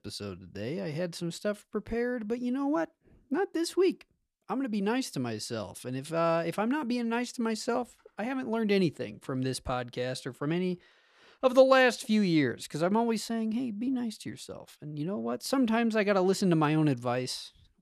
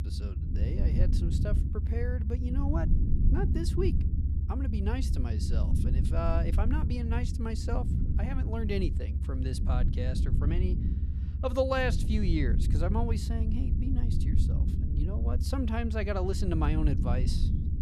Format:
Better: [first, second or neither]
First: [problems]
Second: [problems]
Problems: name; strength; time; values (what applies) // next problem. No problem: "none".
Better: first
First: none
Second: low rumble; loud; throughout; 7 dB below the speech